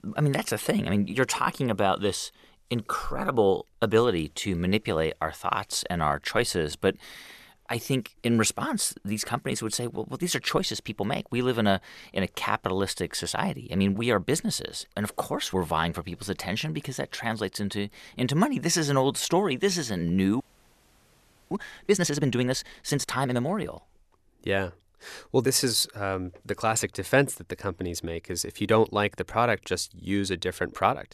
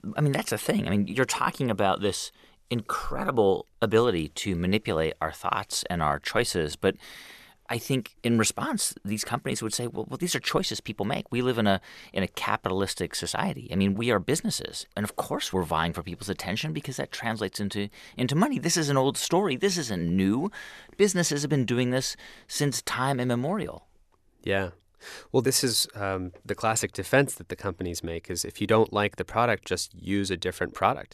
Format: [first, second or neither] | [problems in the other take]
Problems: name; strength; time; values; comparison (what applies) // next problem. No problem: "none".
second | audio freezing; at 20 s for 1 s